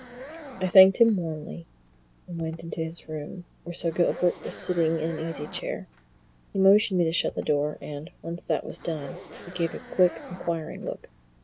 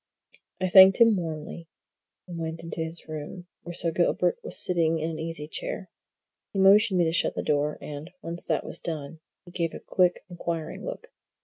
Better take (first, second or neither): second